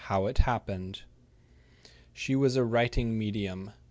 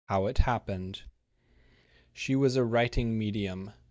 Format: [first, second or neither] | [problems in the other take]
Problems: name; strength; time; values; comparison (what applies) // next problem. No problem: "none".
first | noise reduction (neural mask model DeepFilterNet 3)